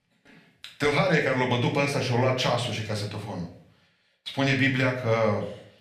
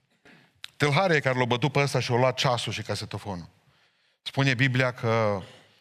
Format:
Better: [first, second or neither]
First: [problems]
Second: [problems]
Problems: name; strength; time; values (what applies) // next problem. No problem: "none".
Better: second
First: room echo; slight; dies away in 0.4 s // off-mic speech; far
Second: none